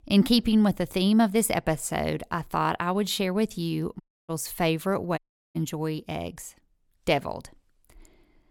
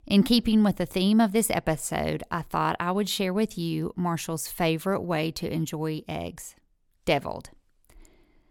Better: second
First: audio cutting out; at 4 s and at 5 s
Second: none

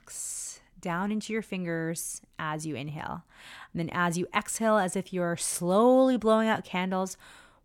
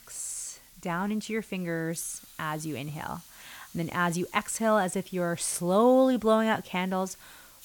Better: first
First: none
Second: hiss; faint; throughout; 20 dB below the speech

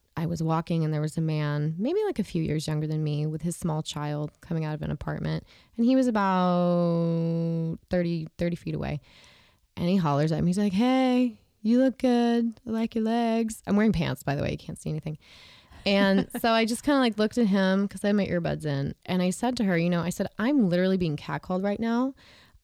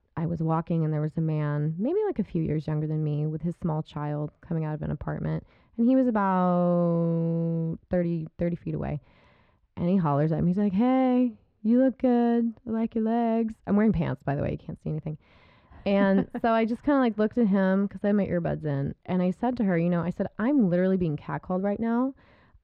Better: first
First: none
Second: muffled; very; fading above 4 kHz

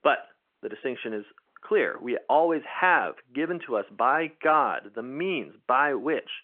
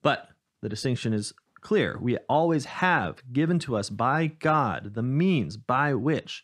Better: second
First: phone-call audio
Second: none

